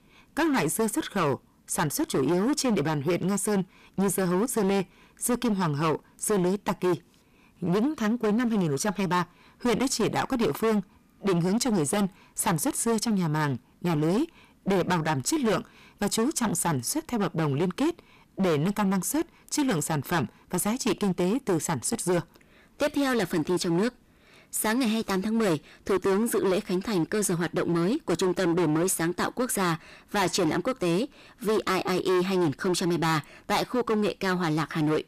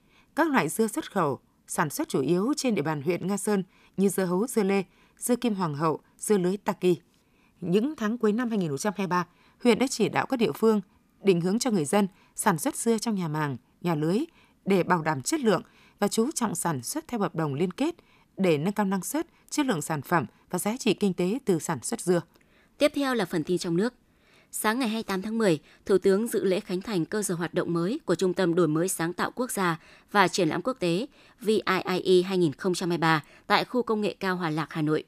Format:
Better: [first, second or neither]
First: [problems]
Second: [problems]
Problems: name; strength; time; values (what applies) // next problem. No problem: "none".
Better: second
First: distortion; heavy; 17% of the sound clipped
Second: none